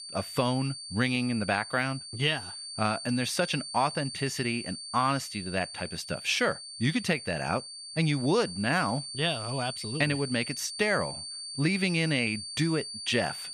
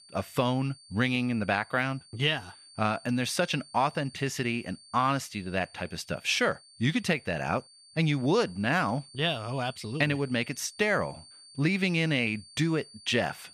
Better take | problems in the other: second | high-pitched whine; loud; throughout; 4.5 kHz, 8 dB below the speech; faint in the second

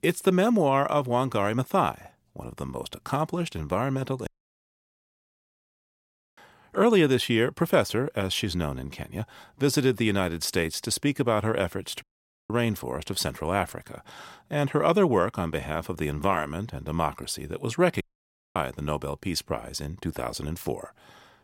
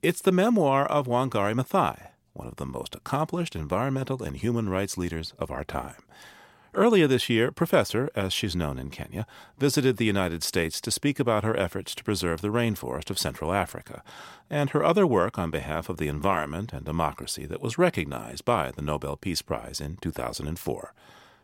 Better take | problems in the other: second | audio cutting out; at 4.5 s for 2 s, at 12 s and at 18 s for 0.5 s

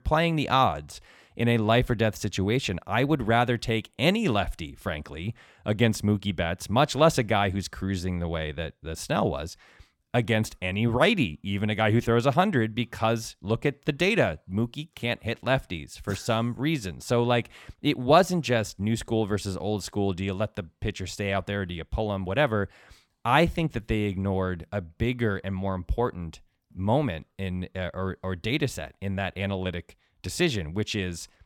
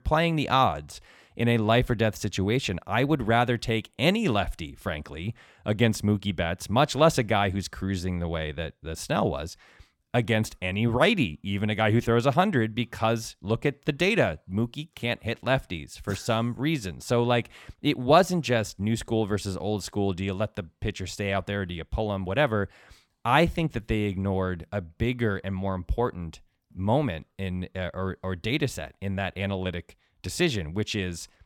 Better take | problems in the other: neither | none

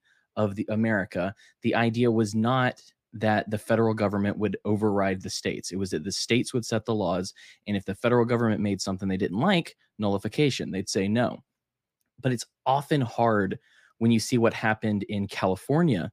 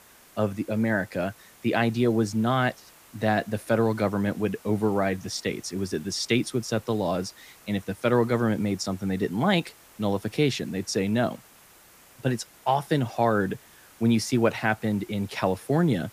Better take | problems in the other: first | hiss; faint; throughout; 25 dB below the speech

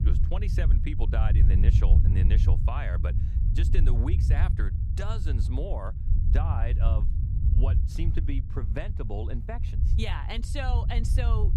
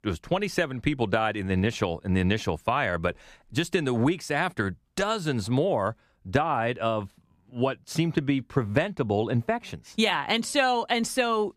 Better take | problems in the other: second | low rumble; loud; throughout; 5 dB below the speech

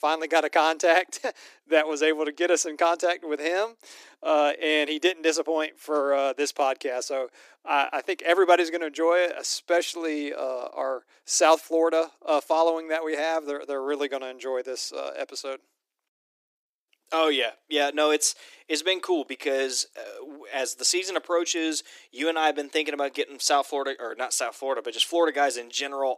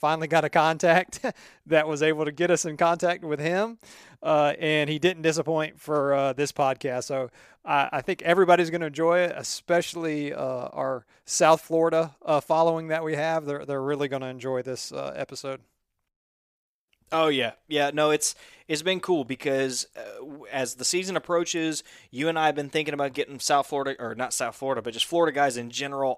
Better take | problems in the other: second | thin; very slightly; fading below 300 Hz

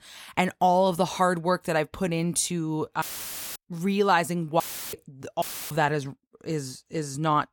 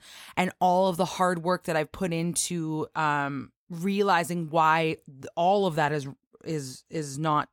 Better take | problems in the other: second | audio cutting out; filled with static; at 3 s for 0.5 s, at 4.5 s and at 5.5 s

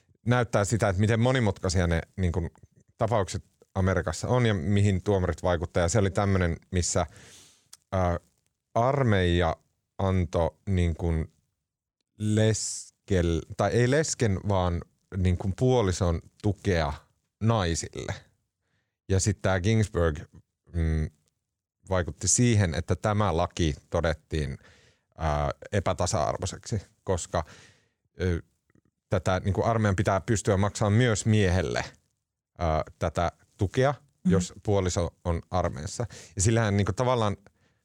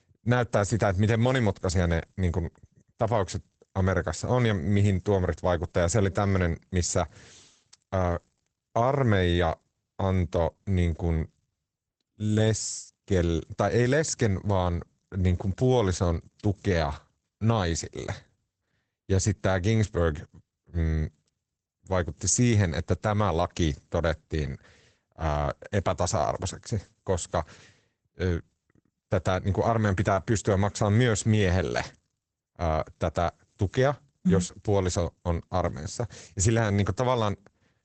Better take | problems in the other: first | garbled, watery; badly; nothing above 8 kHz

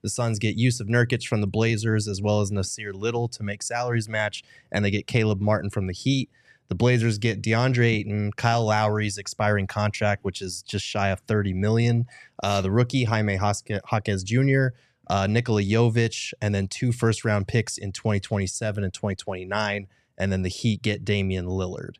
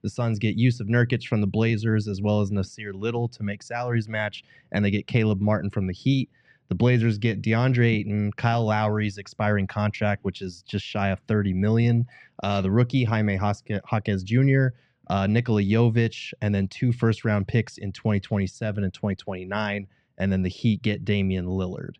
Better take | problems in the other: first | muffled; slightly; fading above 3 kHz

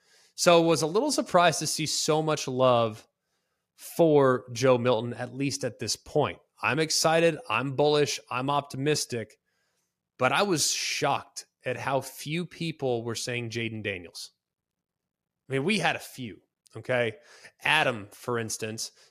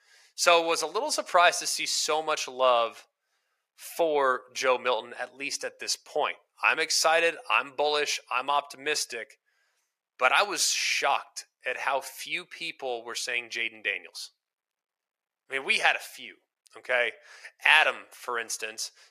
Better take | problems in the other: first | thin; very; fading below 700 Hz

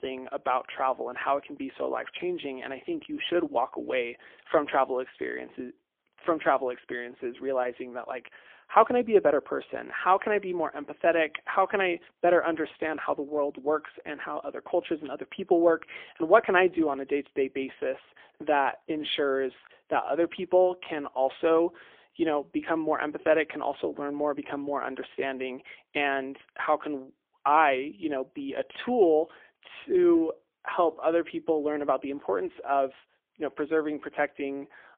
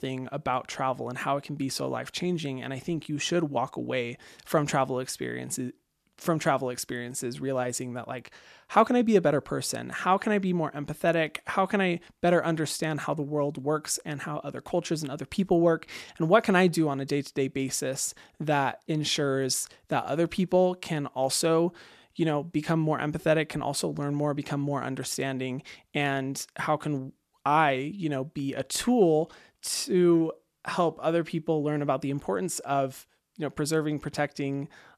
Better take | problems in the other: second | phone-call audio; poor line; nothing above 3.5 kHz

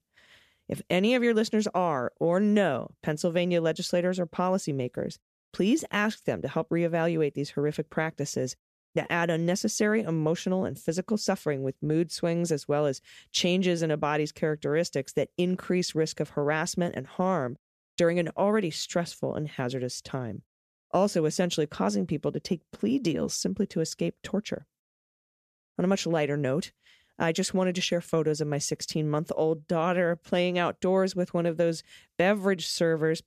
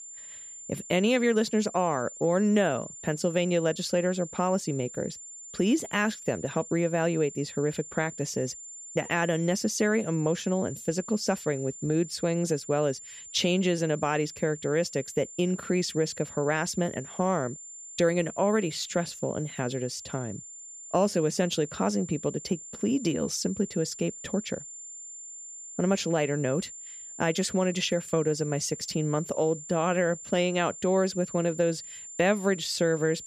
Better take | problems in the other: first | high-pitched whine; noticeable; throughout; 7 kHz, 15 dB below the speech

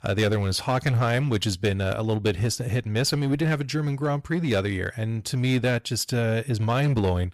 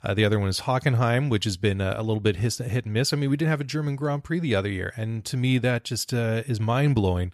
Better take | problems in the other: second | distortion; slight; 10% of the sound clipped

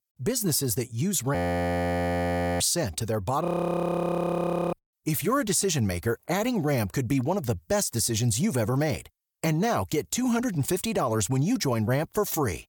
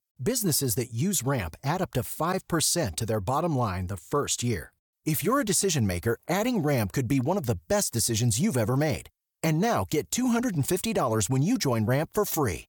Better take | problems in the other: second | audio freezing; at 1.5 s for 1.5 s and at 3.5 s for 1.5 s

